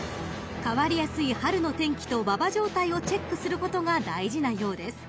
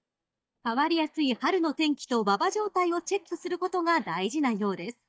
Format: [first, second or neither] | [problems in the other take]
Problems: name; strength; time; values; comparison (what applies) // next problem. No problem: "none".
first | noise reduction (neural mask model DeepFilterNet 3)